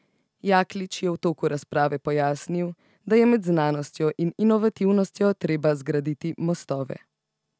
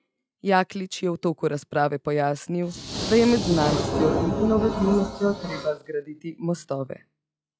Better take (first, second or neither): first